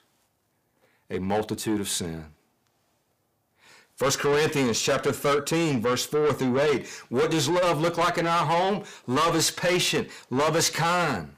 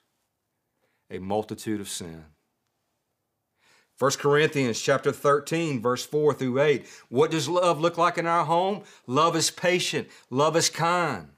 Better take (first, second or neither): second